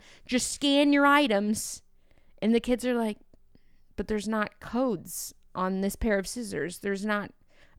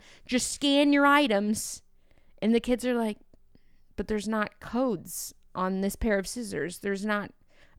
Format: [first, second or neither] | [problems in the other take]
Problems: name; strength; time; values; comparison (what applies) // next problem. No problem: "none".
neither | none